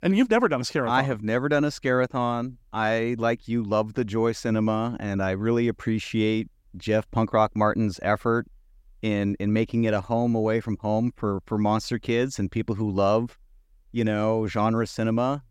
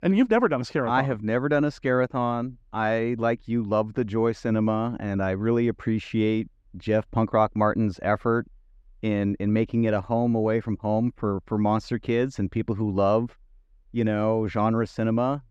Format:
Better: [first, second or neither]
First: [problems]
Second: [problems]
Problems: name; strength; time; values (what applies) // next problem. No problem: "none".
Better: first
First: none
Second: muffled; slightly; fading above 2 kHz